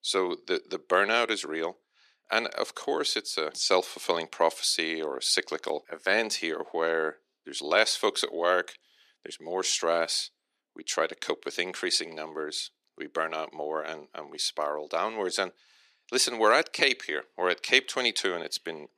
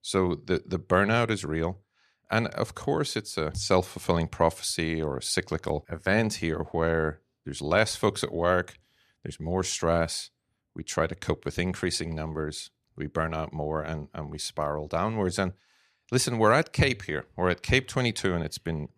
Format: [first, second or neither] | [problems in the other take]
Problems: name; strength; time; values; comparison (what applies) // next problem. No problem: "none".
second | thin; somewhat; fading below 300 Hz